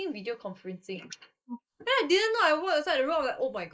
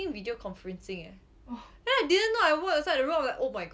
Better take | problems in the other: second | noise reduction (neural mask model Resemble Enhance denoiser)

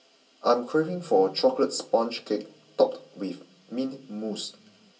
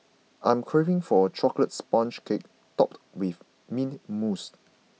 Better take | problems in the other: second | room echo; dies away in 0.2 s

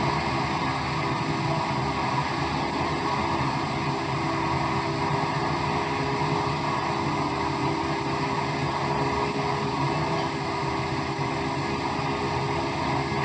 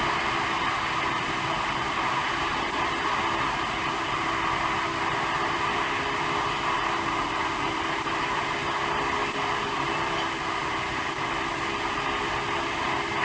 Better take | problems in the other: second | room echo; dies away in 0.5 s

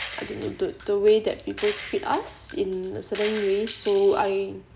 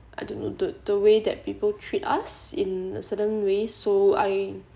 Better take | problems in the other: second | background sound (Gunshot, gunfire); 15 dB below the speech

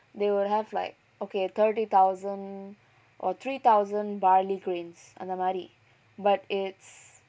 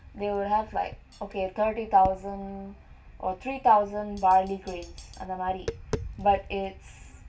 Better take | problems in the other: first | background sound (Tap); 14 dB below the speech // room echo; dies away in 0.2 s

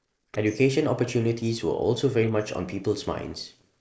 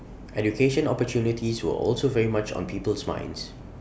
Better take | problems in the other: second | noise reduction (neural separator model SepFormer DNS4)

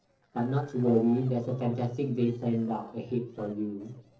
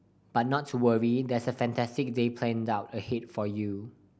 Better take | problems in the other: second | noise reduction (neural separator model SepFormer DNS4)

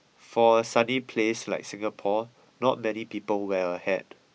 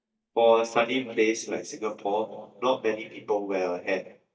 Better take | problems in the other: first | noise reduction (neural mask model DeepFilterNet 3)

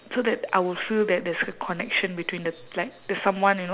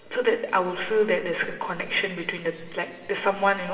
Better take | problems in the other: first | room echo; dies away in 2.5 s

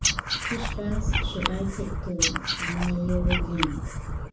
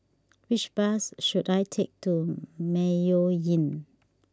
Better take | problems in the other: second | background sound (Frog); 4 dB above the speech // room echo; dies away in 0.3 s

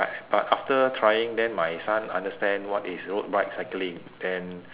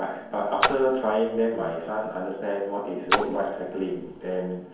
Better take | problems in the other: first | background sound (Splash, splatter); 4 dB below the speech // room echo; dies away in 0.9 s

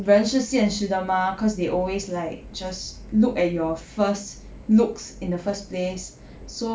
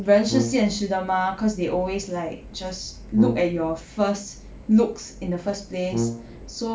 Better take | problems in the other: first | background sound (Brass instrument); 5 dB below the speech

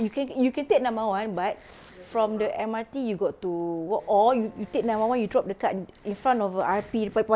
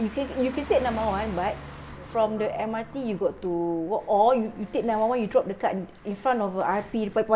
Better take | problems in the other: first | background sound (Car passing by); 17 dB below the speech // room echo; dies away in 0.6 s

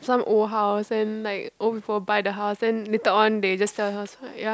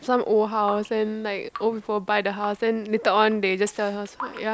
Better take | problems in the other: first | background sound (Drip); 18 dB below the speech

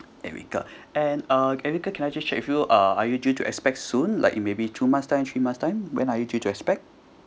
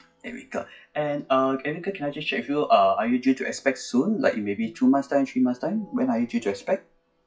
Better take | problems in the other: first | noise reduction (classical method WPE with log-MMSE)

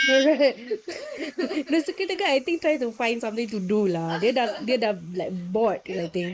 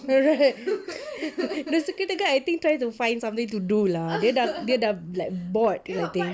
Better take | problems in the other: second | noise reduction (neural mask model Resemble Enhance denoiser)

